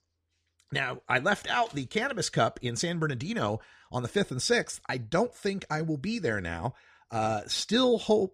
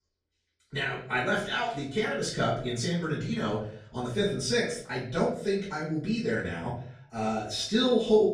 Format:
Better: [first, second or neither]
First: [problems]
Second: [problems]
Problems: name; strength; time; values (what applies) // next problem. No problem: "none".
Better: first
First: none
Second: off-mic speech; far // room echo; noticeable; dies away in 0.5 s